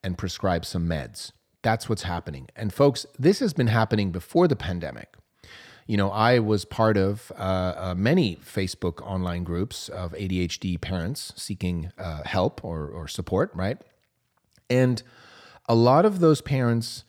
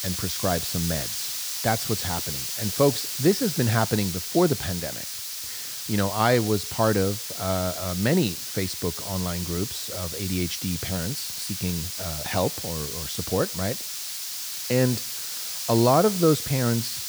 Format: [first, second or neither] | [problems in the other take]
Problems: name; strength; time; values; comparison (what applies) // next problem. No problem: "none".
first | hiss; loud; throughout; 3 dB below the speech